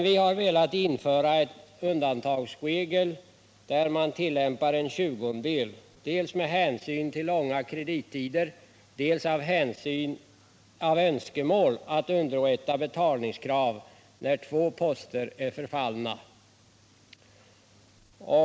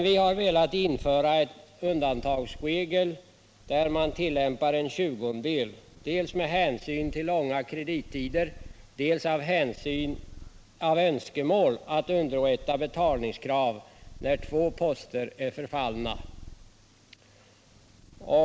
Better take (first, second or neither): first